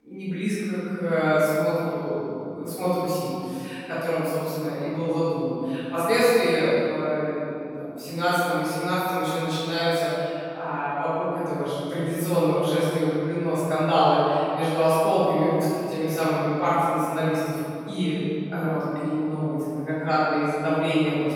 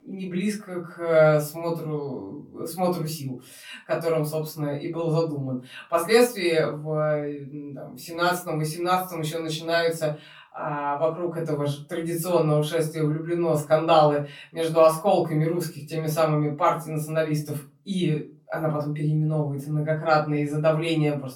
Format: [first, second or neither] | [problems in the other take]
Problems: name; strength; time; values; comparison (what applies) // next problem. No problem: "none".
second | room echo; strong; dies away in 2.6 s; slight in the second // off-mic speech; far; far in the second